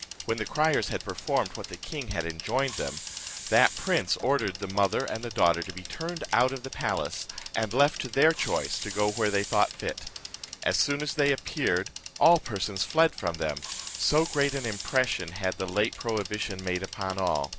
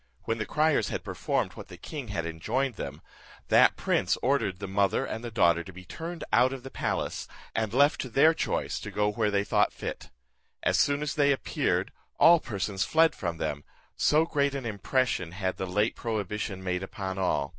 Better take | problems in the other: second | background sound (Bicycle + Hiss); 12 dB below the speech

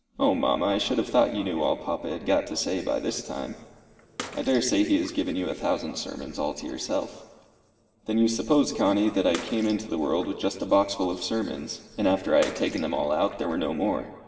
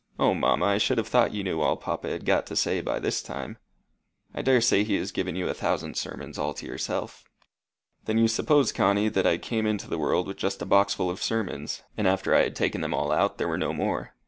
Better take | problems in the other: second | background sound (Bathtub (filling or washing) / Water / Splash, splatter); 17 dB below the speech // room echo; dies away in 2.4 s

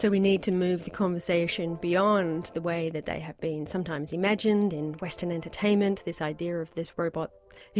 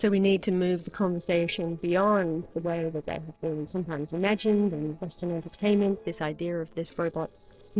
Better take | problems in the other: first | noise reduction (neural separator model SepFormer DNS4)

